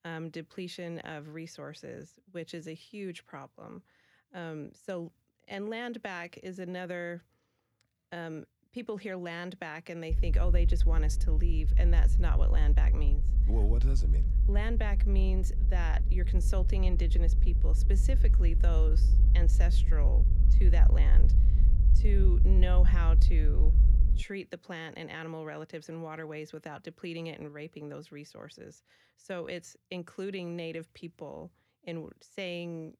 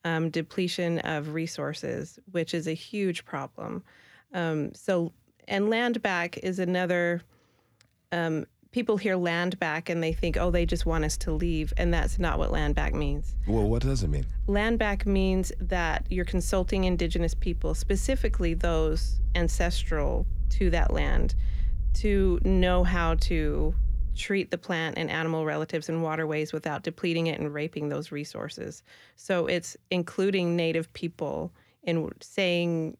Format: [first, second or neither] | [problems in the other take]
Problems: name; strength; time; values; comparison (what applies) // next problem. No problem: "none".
second | low rumble; loud; from 10 to 24 s; 7 dB below the speech; faint in the second